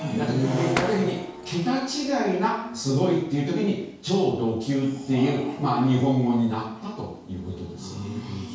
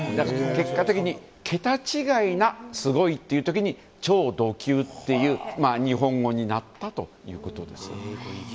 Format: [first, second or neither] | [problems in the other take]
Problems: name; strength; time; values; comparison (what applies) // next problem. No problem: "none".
second | background sound (Shatter); 11 dB below the speech // room echo; dies away in 0.6 s